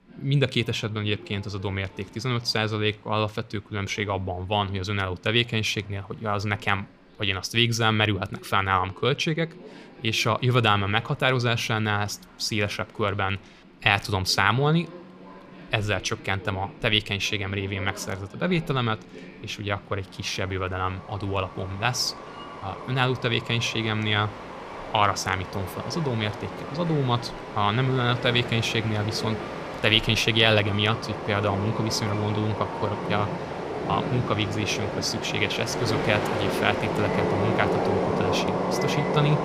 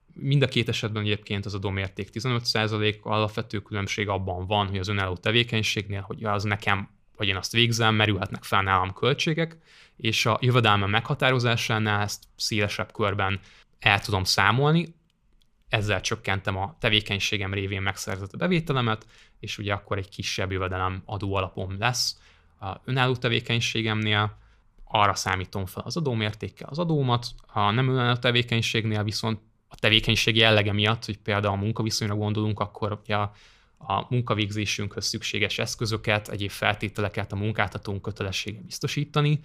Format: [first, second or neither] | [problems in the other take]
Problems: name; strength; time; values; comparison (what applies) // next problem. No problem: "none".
second | train or aircraft noise; loud; throughout; 6 dB below the speech